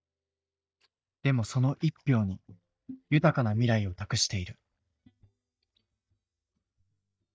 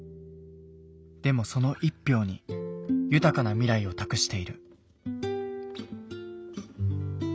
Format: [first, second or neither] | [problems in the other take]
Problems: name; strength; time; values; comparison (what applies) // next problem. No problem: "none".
second | noise reduction (neural mask model DeepFilterNet 3)